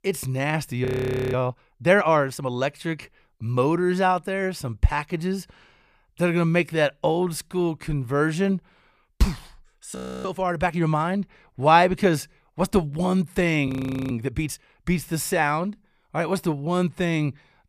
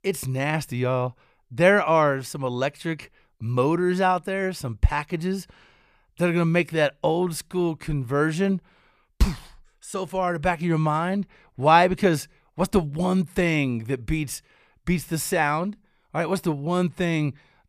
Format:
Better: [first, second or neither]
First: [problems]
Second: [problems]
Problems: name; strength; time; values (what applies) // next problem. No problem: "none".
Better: second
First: audio freezing; at 1 s, at 10 s and at 14 s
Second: none